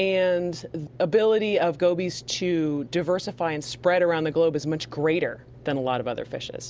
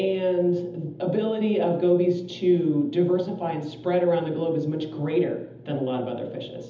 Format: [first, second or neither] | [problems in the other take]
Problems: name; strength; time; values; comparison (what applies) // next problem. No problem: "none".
first | room echo; dies away in 0.8 s